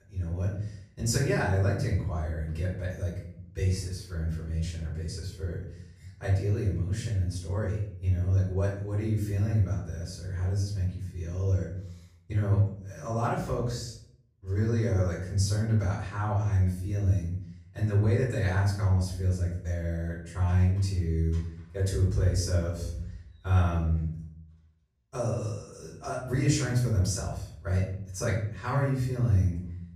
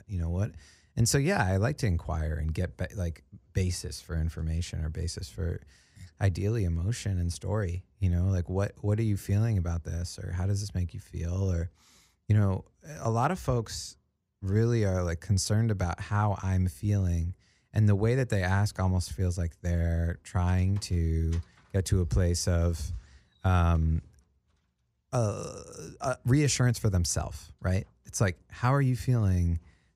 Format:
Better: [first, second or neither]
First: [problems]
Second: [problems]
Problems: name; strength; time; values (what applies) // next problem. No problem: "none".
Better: second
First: off-mic speech; far // room echo; noticeable; dies away in 0.6 s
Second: none